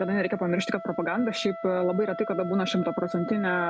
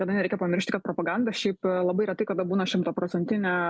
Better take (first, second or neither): second